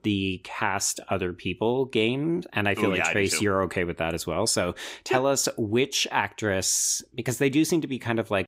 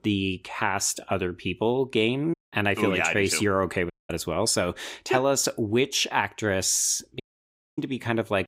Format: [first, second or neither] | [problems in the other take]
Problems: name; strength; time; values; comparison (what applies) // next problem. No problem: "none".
first | audio cutting out; at 2.5 s, at 4 s and at 7 s for 0.5 s